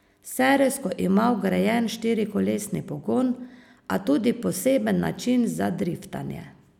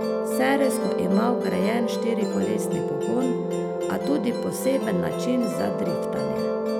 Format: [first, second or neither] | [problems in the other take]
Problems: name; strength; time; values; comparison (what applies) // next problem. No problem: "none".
first | background sound (Musical instrument); 1 dB above the speech